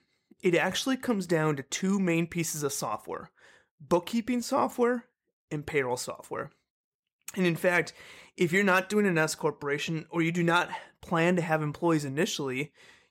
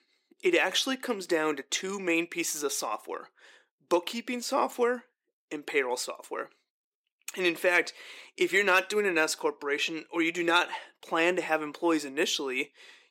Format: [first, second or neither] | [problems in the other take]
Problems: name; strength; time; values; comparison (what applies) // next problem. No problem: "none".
first | thin; somewhat; fading below 300 Hz